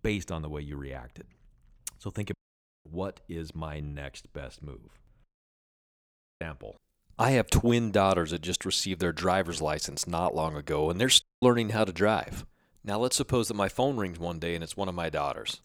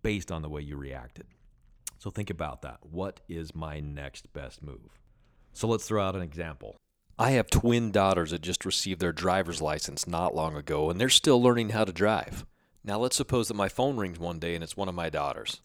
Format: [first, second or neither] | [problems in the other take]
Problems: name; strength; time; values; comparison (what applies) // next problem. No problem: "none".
second | audio cutting out; at 2.5 s for 0.5 s, at 5 s for 1 s and at 11 s